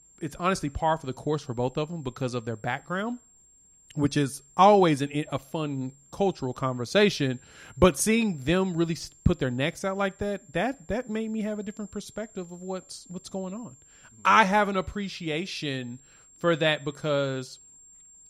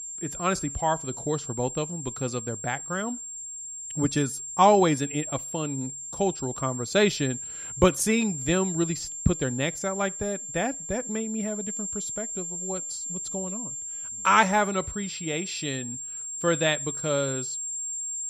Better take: first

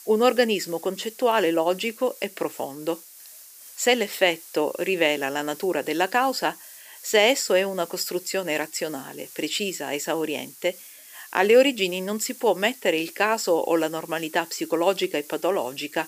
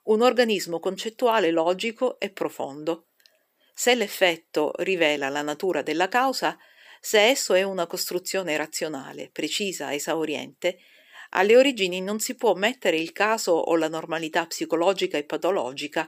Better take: second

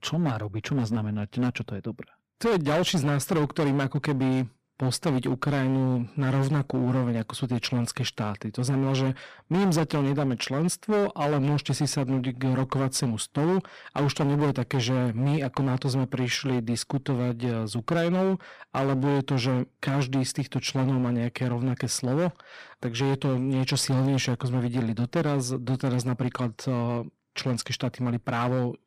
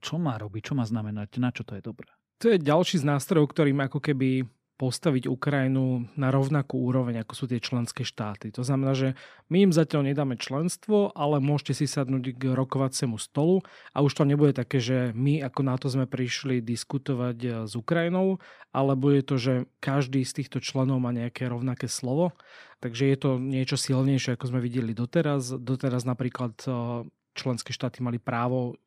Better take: second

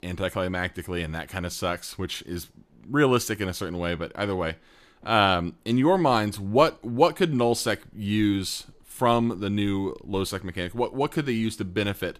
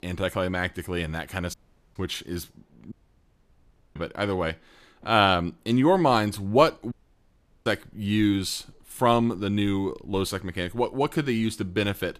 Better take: first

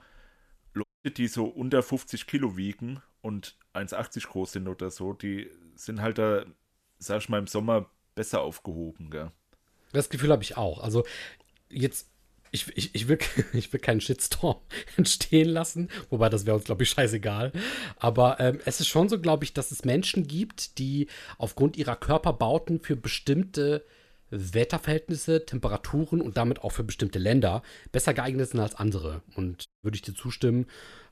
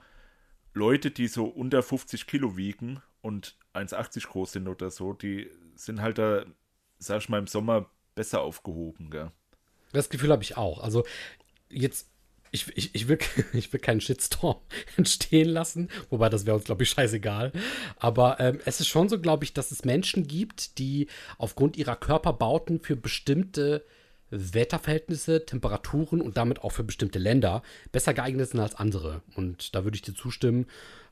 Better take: second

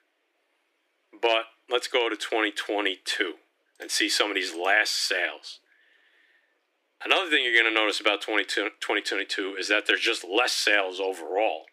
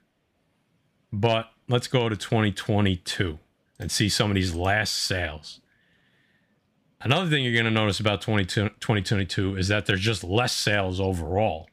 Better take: second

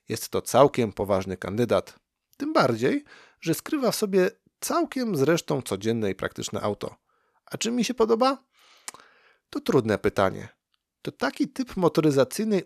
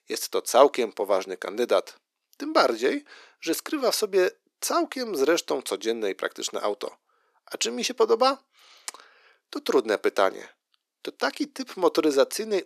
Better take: first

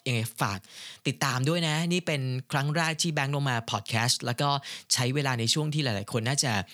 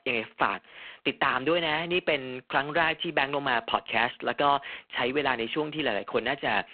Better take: first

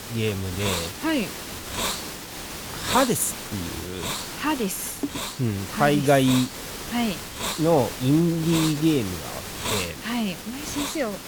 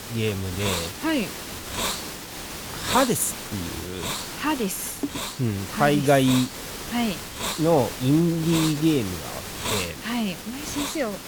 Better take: neither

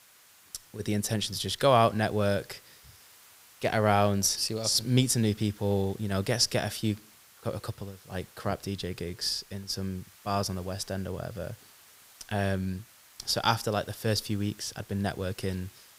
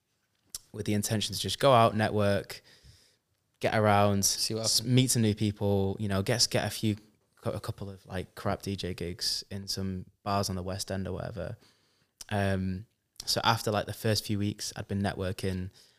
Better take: second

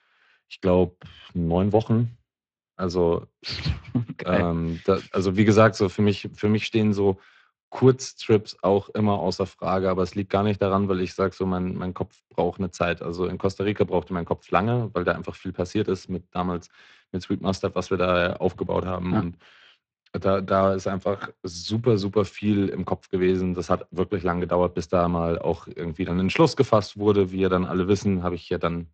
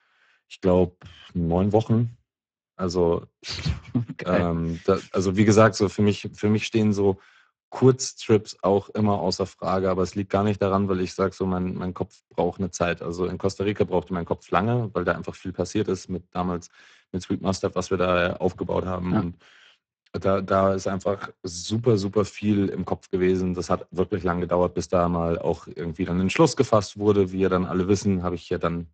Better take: first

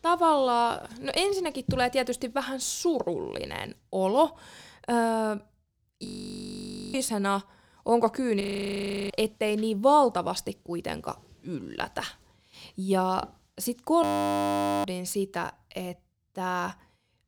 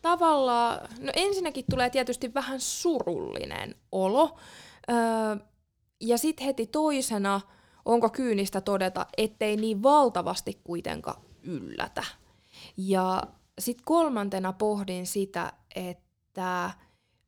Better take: second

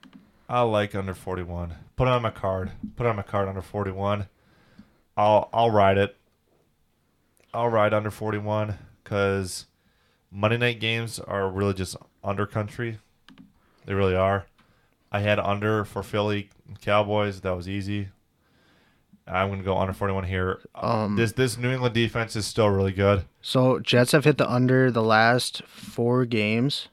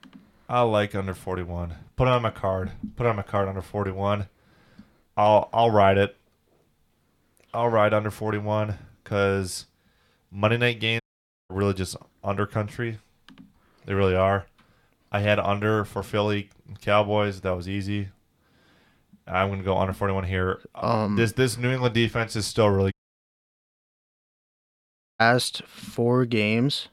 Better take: first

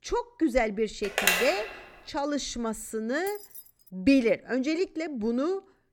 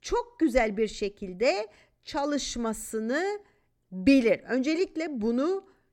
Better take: second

